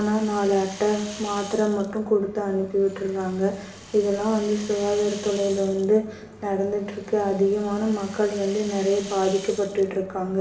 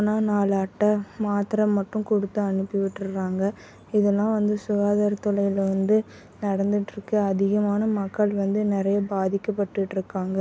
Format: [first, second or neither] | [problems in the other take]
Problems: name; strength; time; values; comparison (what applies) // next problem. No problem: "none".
second | background sound (Rattle (instrument)); 19 dB below the speech // room echo; dies away in 0.7 s